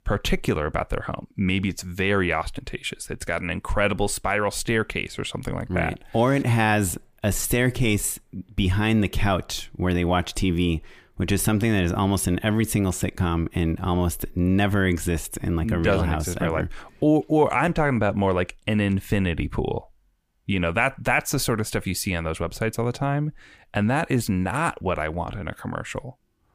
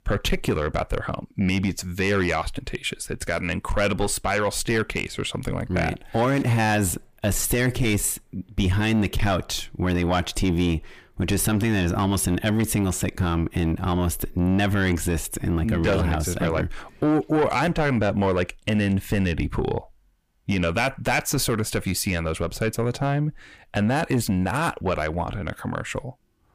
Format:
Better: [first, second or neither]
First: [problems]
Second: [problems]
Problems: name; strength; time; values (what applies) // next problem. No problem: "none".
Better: first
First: none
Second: distortion; slight; 10 dB below the speech